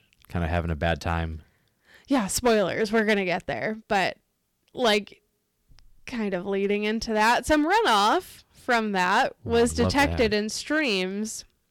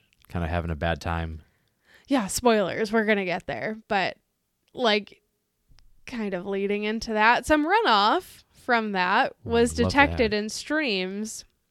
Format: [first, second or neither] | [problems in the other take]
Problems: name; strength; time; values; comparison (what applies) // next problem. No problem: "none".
second | distortion; slight; 4% of the sound clipped